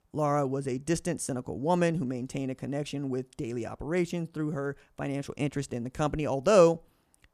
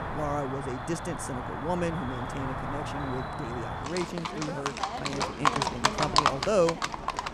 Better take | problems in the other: first | animal sounds; very loud; throughout; 2 dB above the speech

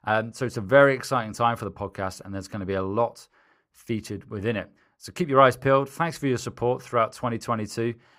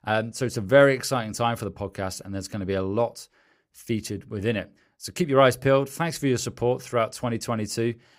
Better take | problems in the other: second | muffled; very slightly; fading above 3.5 kHz

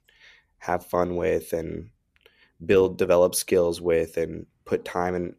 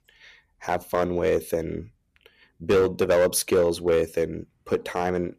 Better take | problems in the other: first | distortion; slight; 4% of the sound clipped

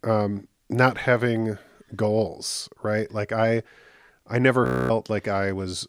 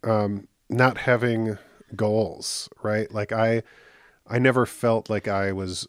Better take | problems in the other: second | audio freezing; at 4.5 s

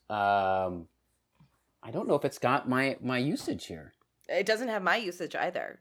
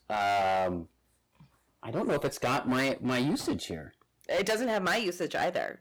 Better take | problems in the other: first | distortion; heavy; 13% of the sound clipped

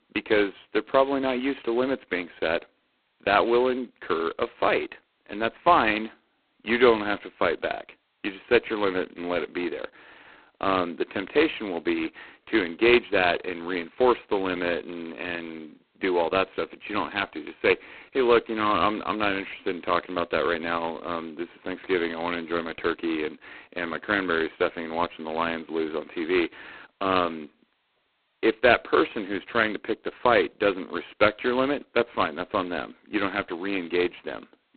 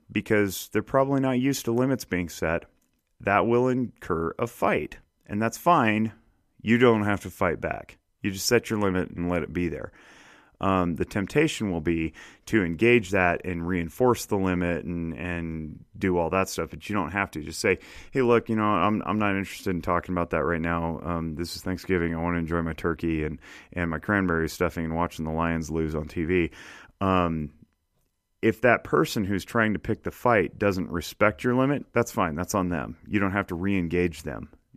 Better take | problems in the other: second | phone-call audio; poor line; nothing above 4 kHz

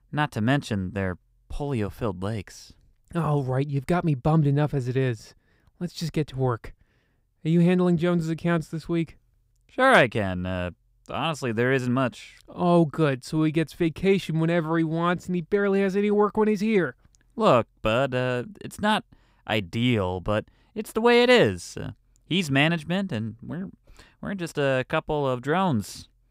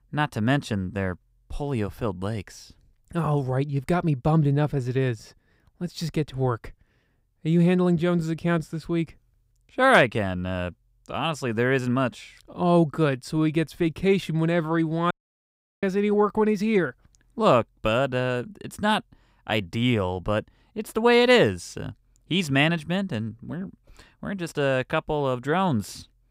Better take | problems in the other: first | audio cutting out; at 15 s for 0.5 s

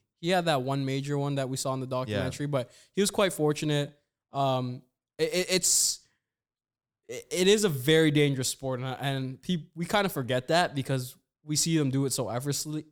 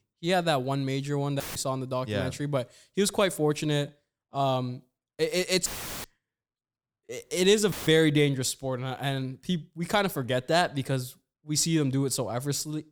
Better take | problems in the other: first | audio cutting out; filled with static; at 1.5 s, at 5.5 s and at 7.5 s

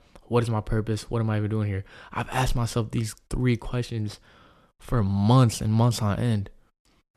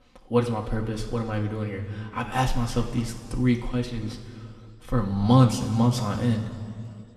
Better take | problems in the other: first | room echo; slight; dies away in 2.1 s // off-mic speech; somewhat distant

